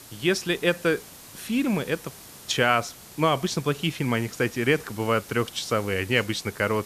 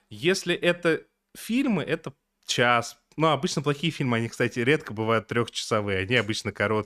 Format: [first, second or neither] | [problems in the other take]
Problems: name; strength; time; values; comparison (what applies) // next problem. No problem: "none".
second | hiss; noticeable; throughout; 20 dB below the speech